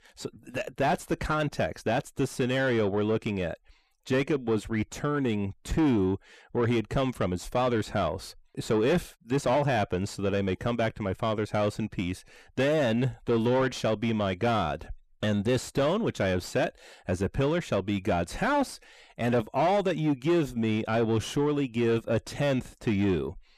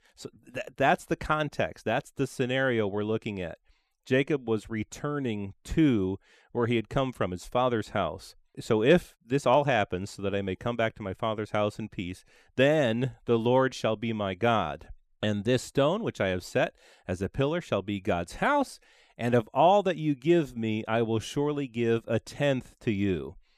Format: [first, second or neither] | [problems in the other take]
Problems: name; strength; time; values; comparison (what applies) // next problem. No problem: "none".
second | distortion; heavy; 8 dB below the speech